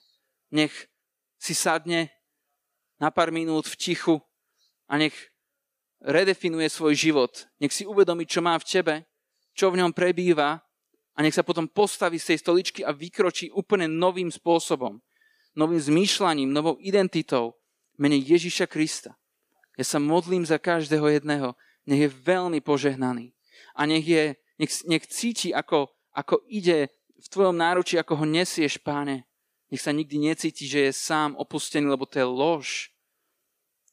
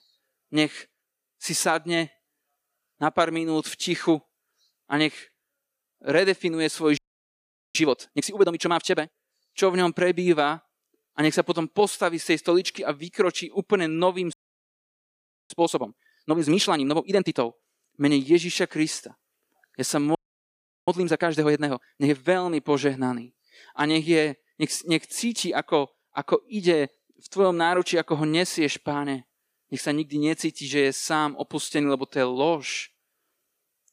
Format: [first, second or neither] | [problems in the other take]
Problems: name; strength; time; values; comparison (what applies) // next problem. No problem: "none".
first | audio freezing; at 7 s for 1 s, at 14 s for 1 s and at 20 s for 0.5 s